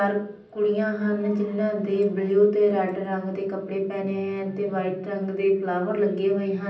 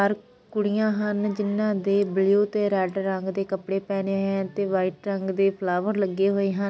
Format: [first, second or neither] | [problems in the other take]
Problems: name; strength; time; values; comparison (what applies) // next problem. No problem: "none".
second | room echo; dies away in 0.6 s